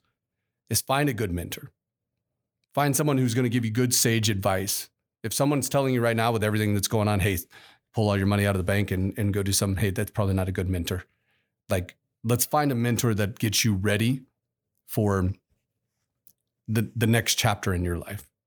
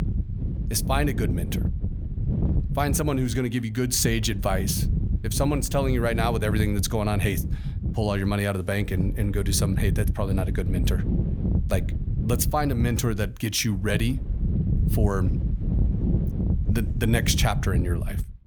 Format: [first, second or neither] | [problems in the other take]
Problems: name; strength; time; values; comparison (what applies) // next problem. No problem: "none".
first | wind noise on the microphone; occasional gusts; 10 dB below the speech